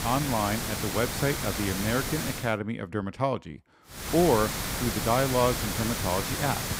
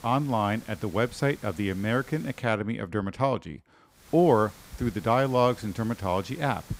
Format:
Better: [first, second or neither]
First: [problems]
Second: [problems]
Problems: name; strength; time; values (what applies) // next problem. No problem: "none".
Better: second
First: hiss; loud; until 2.5 s and from 4 s on; 2 dB below the speech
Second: hiss; faint; until 2.5 s and from 4 s on; 20 dB below the speech